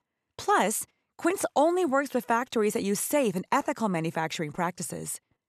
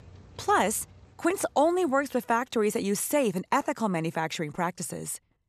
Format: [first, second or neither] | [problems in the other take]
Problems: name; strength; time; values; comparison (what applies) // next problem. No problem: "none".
first | rain or running water; faint; throughout; 30 dB below the speech